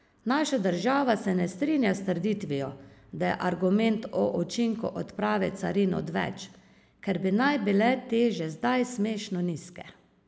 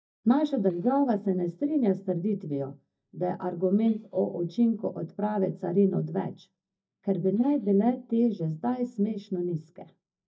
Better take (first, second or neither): first